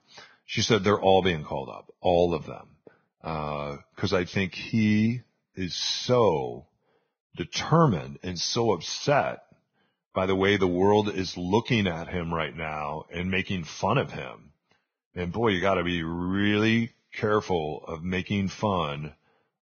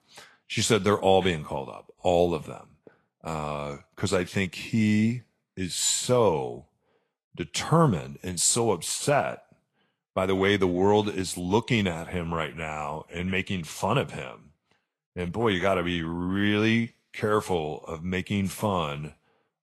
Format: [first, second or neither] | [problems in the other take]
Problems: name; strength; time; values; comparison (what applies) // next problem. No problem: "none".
second | garbled, watery; badly; nothing above 6.5 kHz; slightly in the second